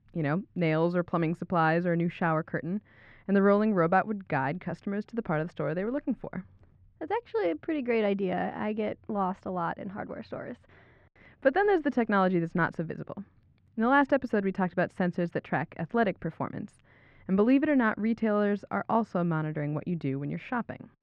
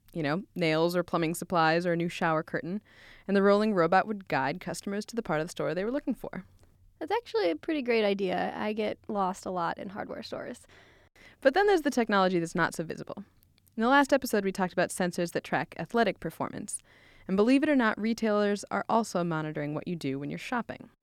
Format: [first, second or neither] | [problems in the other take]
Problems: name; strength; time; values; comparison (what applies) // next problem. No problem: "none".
second | muffled; very; fading above 2 kHz